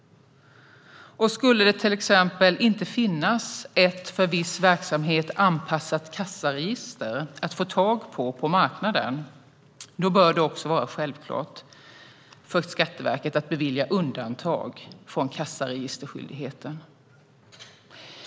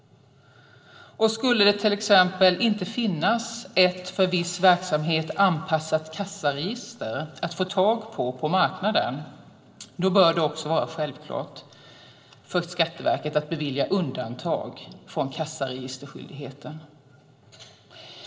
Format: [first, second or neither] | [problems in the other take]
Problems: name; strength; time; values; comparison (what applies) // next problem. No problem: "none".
first | room echo; dies away in 2.8 s